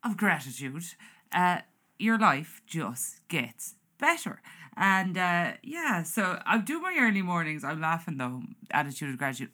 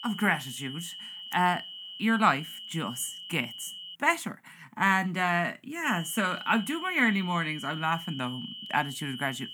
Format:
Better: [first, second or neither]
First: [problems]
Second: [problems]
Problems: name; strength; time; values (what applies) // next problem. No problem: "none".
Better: first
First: none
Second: high-pitched whine; noticeable; until 4 s and from 6 s on; 3 kHz, 10 dB below the speech